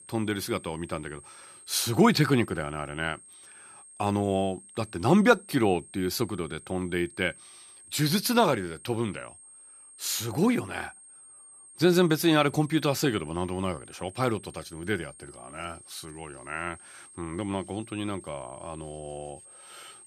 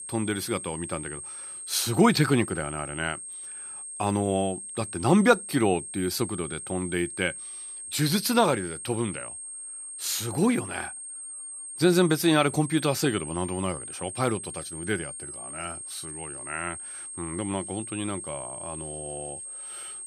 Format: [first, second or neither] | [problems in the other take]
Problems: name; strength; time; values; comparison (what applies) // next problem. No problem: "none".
first | high-pitched whine; loud; throughout; 8.5 kHz, 9 dB below the speech; faint in the first